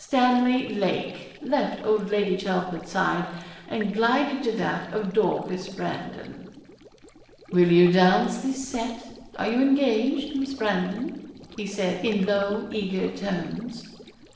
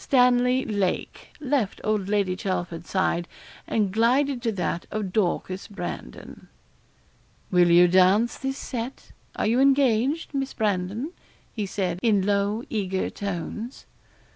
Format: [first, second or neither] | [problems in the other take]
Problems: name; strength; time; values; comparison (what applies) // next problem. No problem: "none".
second | noise reduction (neural separator model SepFormer DNS4)